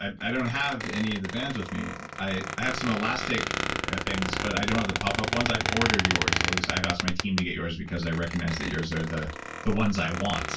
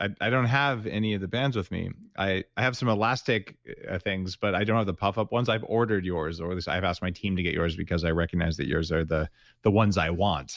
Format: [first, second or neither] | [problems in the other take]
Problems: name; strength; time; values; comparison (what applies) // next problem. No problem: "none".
second | background sound (Squeak); 2 dB below the speech // room echo; dies away in 0.1 s